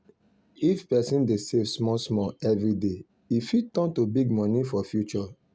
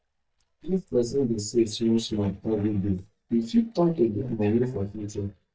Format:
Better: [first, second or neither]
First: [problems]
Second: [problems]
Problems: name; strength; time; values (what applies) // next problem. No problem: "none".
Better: first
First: none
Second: noise reduction (neural mask model DeepFilterNet 3)